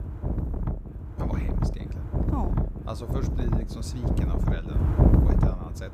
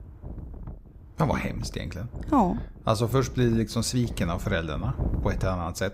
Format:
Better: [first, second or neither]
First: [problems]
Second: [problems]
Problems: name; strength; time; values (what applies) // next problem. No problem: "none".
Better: second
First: wind noise on the microphone; heavy; 5 dB above the speech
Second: wind noise on the microphone; occasional gusts; 20 dB below the speech